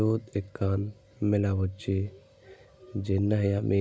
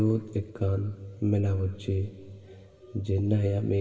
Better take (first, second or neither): first